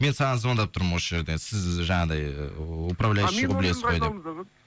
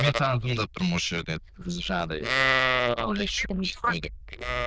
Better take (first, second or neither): first